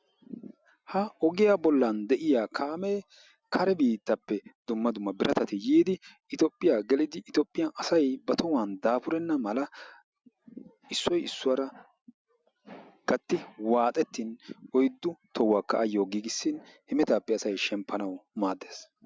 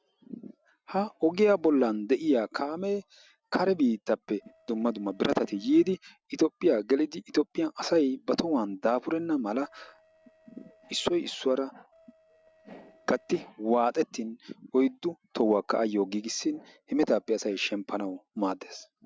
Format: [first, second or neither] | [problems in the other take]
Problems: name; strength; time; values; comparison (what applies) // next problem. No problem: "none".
first | noise reduction (neural separator model SepFormer DNS4)